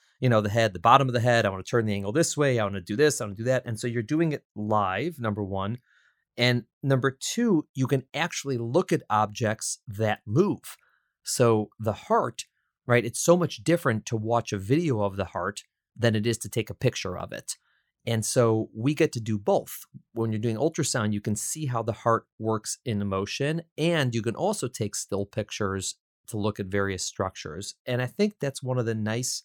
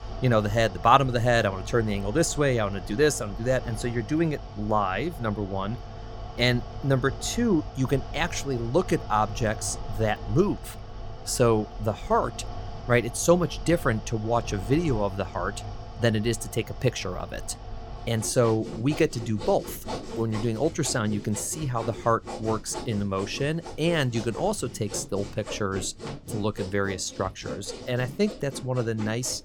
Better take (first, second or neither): first